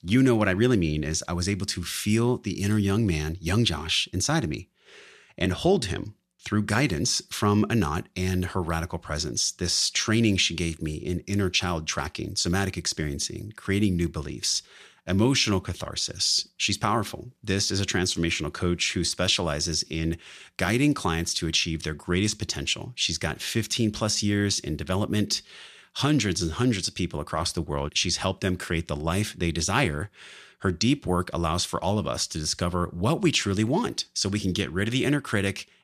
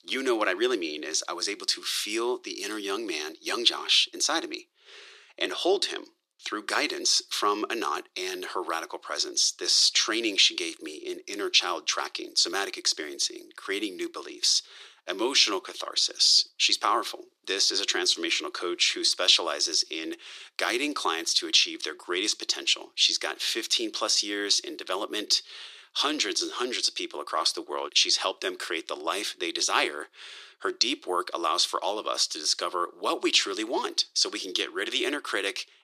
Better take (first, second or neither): first